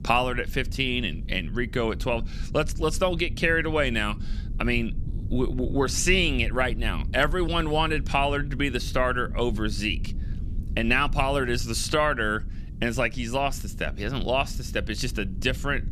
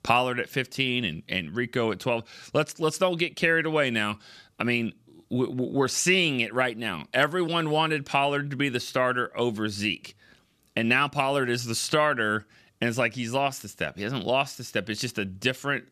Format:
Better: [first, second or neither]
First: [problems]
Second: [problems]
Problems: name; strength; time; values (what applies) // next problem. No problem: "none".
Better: second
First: low rumble; faint; throughout; 20 dB below the speech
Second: none